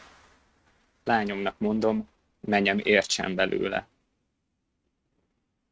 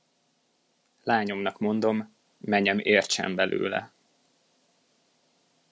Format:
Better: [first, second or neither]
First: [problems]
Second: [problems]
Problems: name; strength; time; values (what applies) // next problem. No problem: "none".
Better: second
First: noise reduction (neural mask model RNNoise)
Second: none